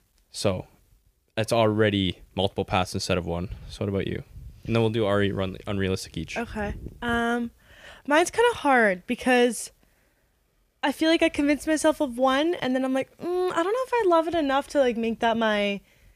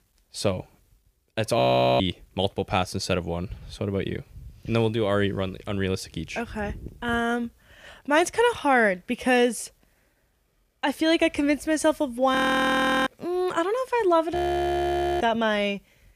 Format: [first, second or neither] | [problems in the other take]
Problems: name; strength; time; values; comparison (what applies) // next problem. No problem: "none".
first | audio freezing; at 1.5 s, at 12 s for 0.5 s and at 14 s for 1 s